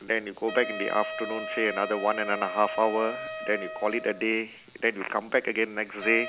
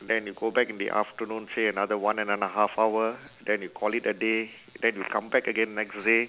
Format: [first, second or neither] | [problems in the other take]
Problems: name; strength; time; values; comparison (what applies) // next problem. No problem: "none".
second | background sound (Wind instrument, woodwind instrument); 9 dB below the speech